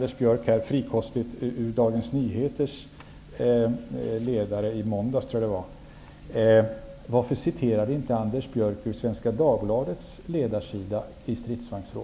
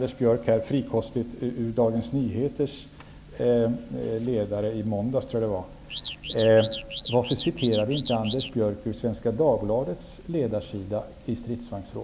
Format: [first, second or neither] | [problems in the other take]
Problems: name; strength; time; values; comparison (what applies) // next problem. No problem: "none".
first | background sound (Alarm / Car); 11 dB below the speech